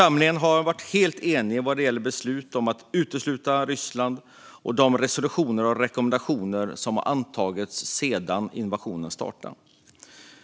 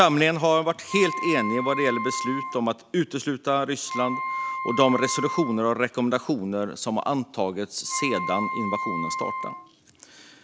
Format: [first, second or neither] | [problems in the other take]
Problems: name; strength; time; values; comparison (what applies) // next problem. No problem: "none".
first | background sound (Wind instrument, woodwind instrument); 6 dB below the speech